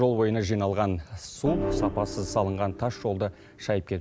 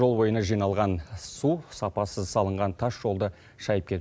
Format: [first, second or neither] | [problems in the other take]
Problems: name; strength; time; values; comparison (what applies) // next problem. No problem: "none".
second | background sound (Organ); 6 dB below the speech